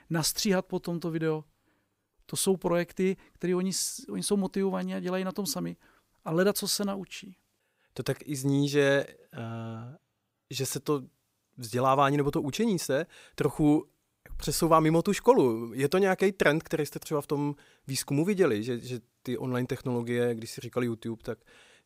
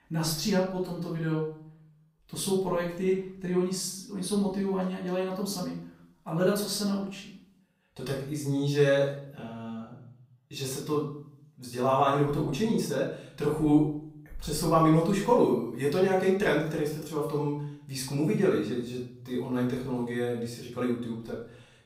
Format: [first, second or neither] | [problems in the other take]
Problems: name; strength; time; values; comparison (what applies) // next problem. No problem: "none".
first | off-mic speech; far // room echo; noticeable; dies away in 0.6 s